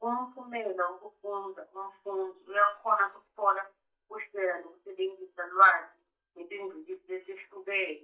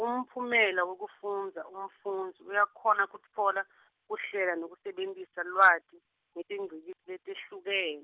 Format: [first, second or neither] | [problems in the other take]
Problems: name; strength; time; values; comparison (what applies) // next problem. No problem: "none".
second | noise reduction (neural mask model DeepFilterNet 3)